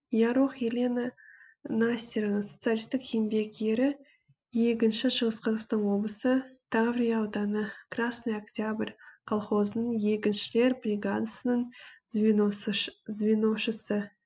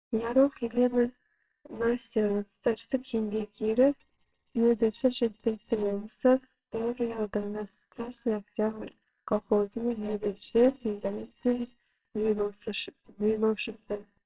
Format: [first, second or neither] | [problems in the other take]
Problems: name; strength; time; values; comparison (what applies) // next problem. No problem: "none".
first | noise reduction (neural separator model SepFormer WHAMR!)